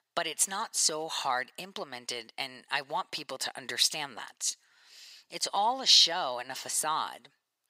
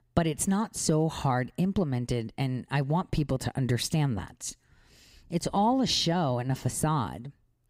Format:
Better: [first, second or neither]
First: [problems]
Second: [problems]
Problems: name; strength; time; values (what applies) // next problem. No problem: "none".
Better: second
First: thin; very; fading below 850 Hz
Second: none